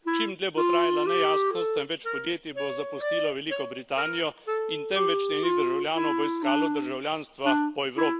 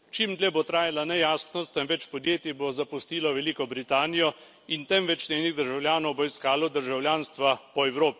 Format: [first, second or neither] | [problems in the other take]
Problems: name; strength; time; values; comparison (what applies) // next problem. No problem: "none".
second | background sound (Wind instrument, woodwind instrument); 3 dB above the speech